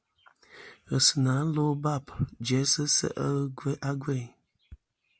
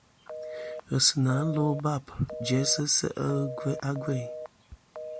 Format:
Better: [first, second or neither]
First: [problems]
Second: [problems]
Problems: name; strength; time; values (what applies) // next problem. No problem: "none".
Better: first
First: none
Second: background sound (Telephone); 11 dB below the speech